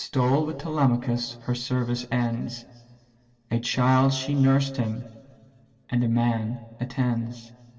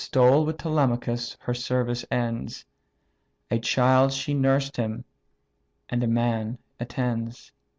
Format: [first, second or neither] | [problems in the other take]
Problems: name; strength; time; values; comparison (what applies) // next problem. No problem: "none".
second | room echo; dies away in 2 s